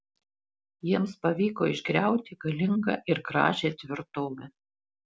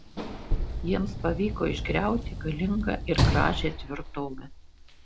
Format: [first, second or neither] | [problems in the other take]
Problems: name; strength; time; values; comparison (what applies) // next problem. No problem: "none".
first | background sound (Sliding door / Slam); as loud as the speech